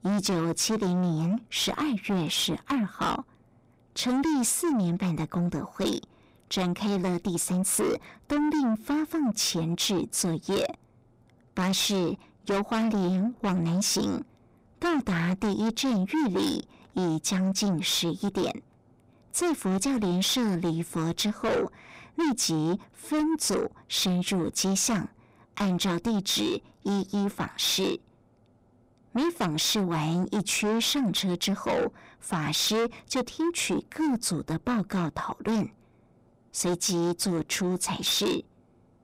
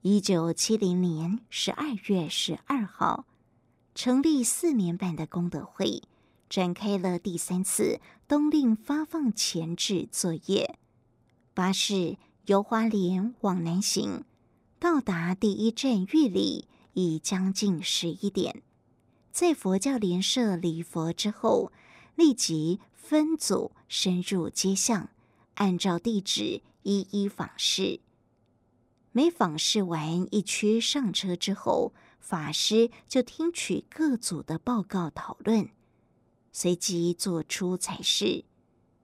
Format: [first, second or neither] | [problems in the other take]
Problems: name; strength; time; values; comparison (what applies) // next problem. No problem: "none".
second | distortion; heavy; 6 dB below the speech